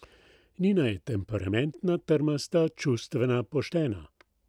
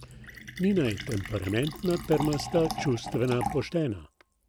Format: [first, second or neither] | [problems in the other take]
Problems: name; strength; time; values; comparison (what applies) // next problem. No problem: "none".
first | background sound (Fill (with liquid)); 9 dB below the speech